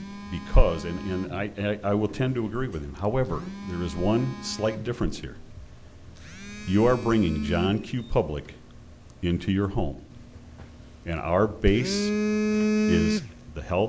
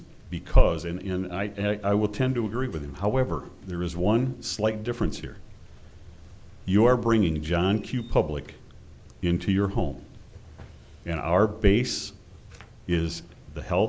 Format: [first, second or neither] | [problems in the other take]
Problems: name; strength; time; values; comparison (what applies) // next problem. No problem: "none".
second | background sound (Telephone); 6 dB below the speech